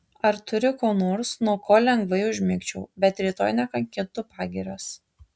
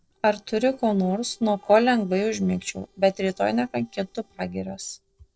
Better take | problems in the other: first | noise reduction (neural separator model SepFormer DNS4)

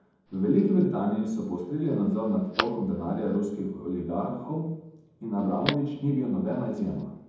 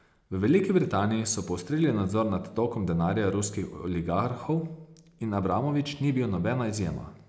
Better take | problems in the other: second | background sound (Telephone); 14 dB below the speech // room echo; dies away in 1.2 s

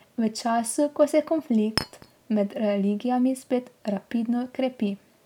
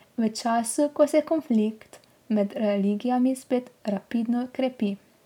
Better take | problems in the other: second | background sound (Chink, clink); 7 dB below the speech

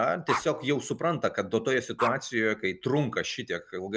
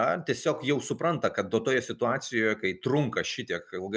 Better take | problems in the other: second | background sound (Dog); 10 dB below the speech

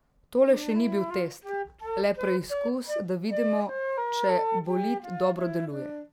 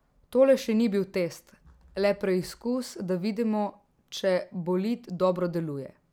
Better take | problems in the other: second | background sound (Wind instrument, woodwind instrument); 4 dB below the speech

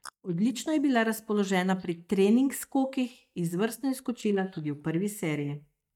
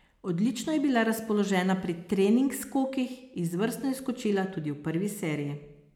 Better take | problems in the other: second | noise reduction (neural mask model DeepFilterNet 3)

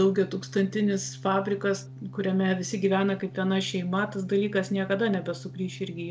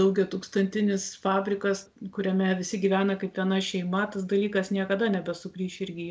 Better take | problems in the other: second | background sound (Organ); 16 dB below the speech

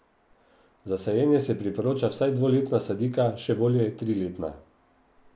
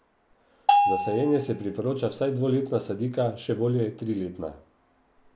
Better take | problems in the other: first | background sound (Bell); 4 dB above the speech

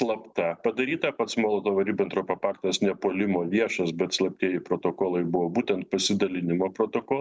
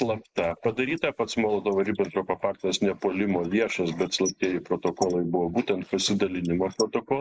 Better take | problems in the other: first | noise reduction (neural mask model Resemble Enhance denoiser)

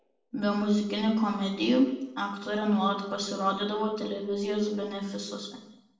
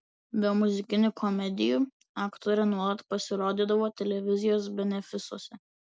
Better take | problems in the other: second | room echo; dies away in 0.8 s

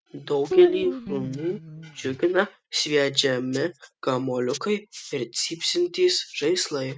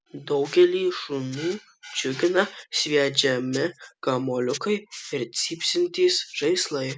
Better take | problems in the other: second | noise reduction (neural mask model RNNoise)

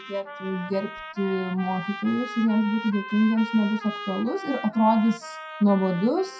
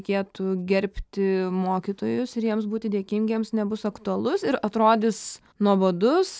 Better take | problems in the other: second | noise reduction (classical method WPE with log-MMSE)

